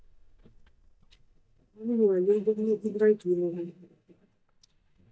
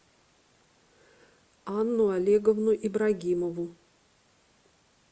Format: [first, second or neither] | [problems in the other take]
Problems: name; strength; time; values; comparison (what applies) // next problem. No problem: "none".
second | noise reduction (neural mask model DeepFilterNet 3)